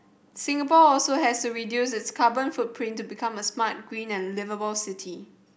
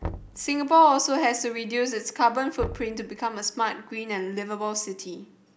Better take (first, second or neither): first